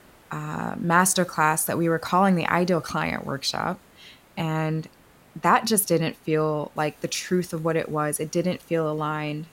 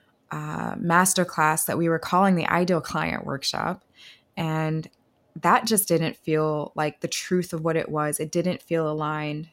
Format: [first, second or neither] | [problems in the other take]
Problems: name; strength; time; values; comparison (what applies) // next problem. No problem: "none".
second | hiss; faint; throughout; 30 dB below the speech